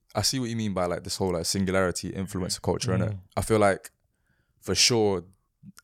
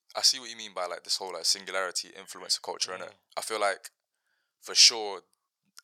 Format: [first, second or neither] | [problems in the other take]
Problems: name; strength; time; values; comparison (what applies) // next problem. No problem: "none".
first | thin; very; fading below 750 Hz